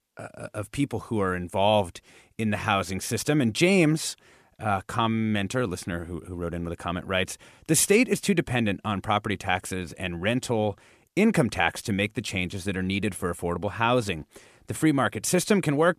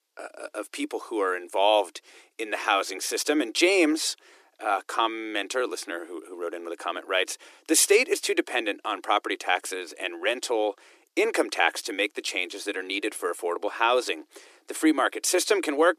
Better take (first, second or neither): first